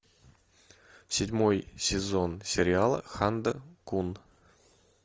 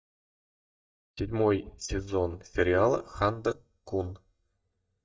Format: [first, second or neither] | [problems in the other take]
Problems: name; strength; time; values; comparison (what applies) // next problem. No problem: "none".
first | noise reduction (neural mask model DeepFilterNet 3)